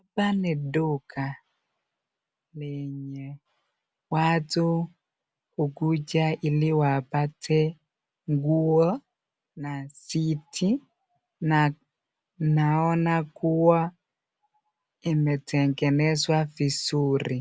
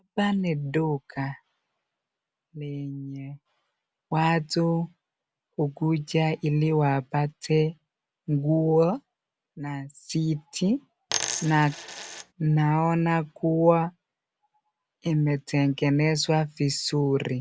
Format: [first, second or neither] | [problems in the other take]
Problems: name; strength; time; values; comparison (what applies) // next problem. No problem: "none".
first | background sound (Coin (dropping)); 7 dB below the speech